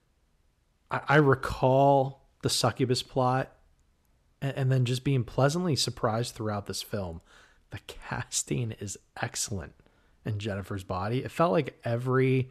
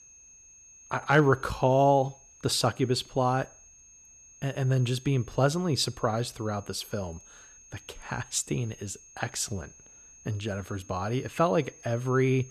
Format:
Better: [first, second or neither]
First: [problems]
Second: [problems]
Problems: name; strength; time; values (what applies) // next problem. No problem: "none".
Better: first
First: none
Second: high-pitched whine; faint; throughout; 6.5 kHz, 25 dB below the speech